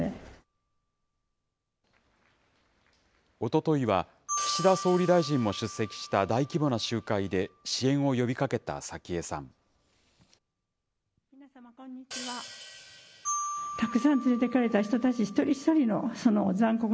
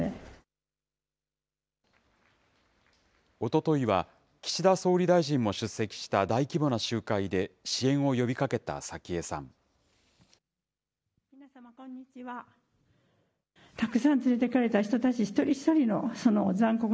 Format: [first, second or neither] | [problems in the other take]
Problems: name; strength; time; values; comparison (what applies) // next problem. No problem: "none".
second | background sound (Hi-hat + Marimba, xylophone); 13 dB below the speech